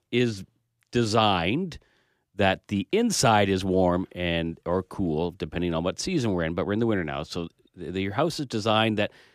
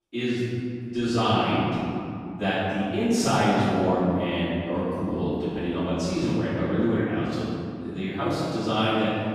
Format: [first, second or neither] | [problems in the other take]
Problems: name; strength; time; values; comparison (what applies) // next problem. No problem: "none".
first | room echo; strong; dies away in 2.7 s // off-mic speech; far